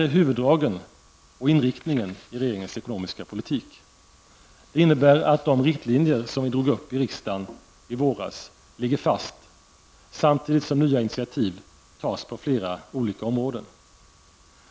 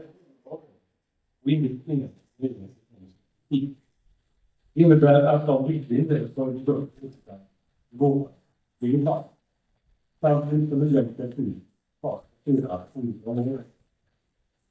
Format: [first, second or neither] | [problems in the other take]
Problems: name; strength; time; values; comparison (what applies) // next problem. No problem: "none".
first | noise reduction (neural mask model DeepFilterNet 3)